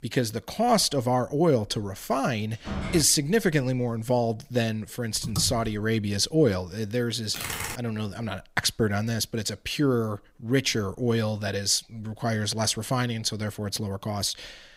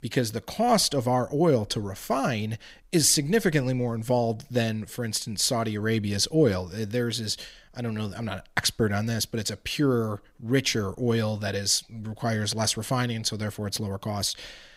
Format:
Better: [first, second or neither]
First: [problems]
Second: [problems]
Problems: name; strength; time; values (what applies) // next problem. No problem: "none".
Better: second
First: door banging; noticeable; at 2.5 s; peak 7 dB below the speech // keyboard typing; noticeable; at 5 s and at 7.5 s; peak 5 dB below the speech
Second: none